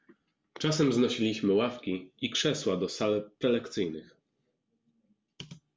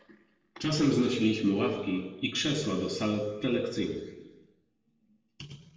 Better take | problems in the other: first | room echo; dies away in 1 s

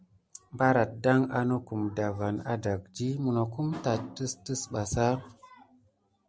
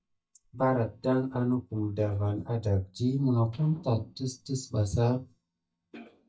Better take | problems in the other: first | noise reduction (neural mask model DeepFilterNet 3)

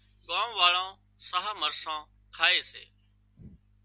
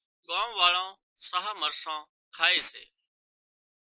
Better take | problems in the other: first | noise reduction (neural mask model Resemble Enhance denoiser)

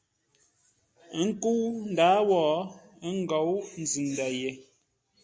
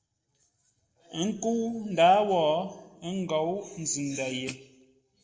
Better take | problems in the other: first | noise reduction (neural separator model SepFormer DNS4)

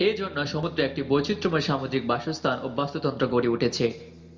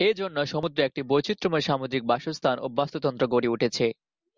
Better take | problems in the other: second | background sound (Bowed string instrument); 19 dB below the speech // room echo; dies away in 1.2 s

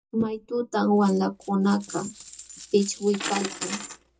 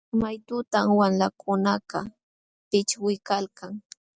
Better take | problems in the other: second | background sound (Coin (dropping)); 13 dB below the speech // room echo; dies away in 0.2 s

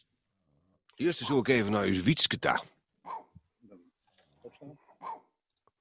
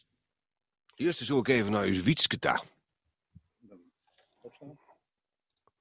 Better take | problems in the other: second | background sound (Bark); 17 dB below the speech

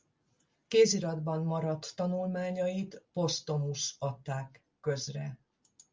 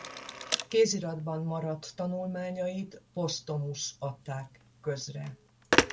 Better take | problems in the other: first | background sound (Telephone); 3 dB below the speech

